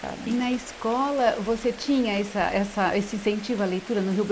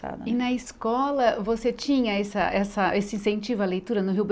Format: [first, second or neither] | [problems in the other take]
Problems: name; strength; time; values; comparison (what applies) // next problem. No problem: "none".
second | background sound (Rain); 17 dB below the speech